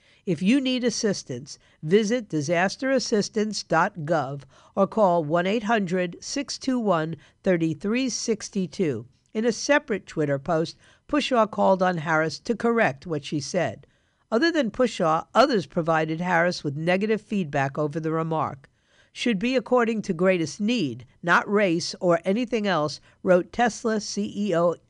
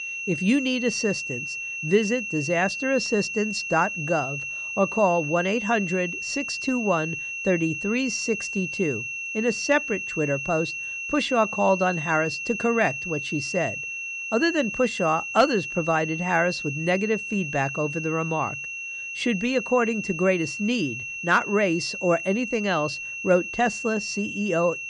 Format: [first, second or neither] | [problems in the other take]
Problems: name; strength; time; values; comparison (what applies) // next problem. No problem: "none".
first | high-pitched whine; loud; throughout; 2.5 kHz, 5 dB below the speech